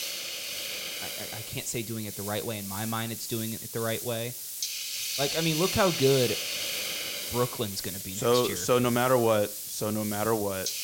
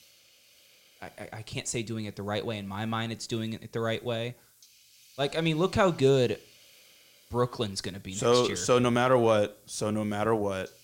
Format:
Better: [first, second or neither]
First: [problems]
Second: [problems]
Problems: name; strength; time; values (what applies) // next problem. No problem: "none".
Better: second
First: hiss; loud; throughout; 4 dB below the speech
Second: hiss; faint; throughout; 30 dB below the speech